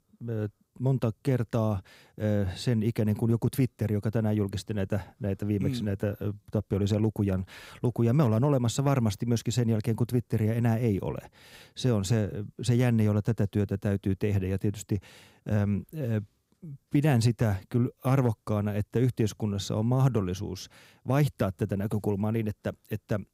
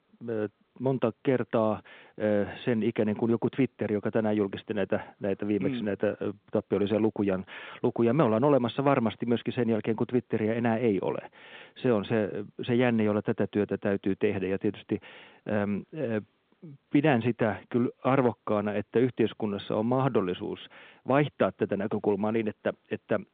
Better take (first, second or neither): first